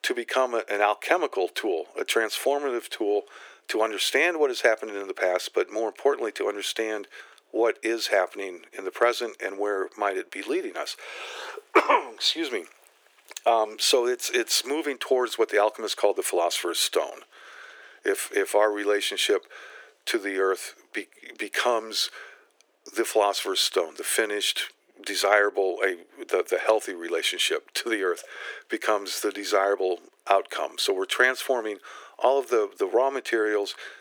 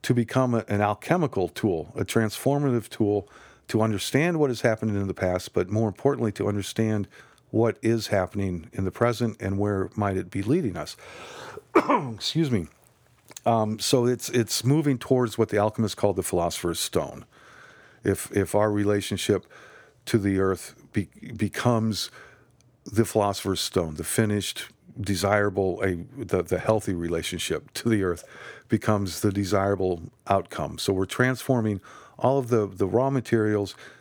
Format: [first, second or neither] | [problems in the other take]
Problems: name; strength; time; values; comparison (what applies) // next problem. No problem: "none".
second | thin; very; fading below 350 Hz